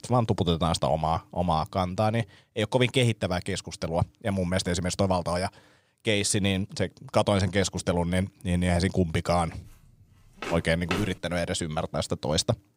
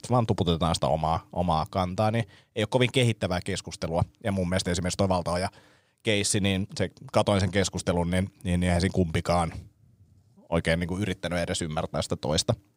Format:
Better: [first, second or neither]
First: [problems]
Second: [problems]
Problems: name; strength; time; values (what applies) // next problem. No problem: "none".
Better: second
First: footsteps; noticeable; at 10 s; peak 6 dB below the speech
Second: none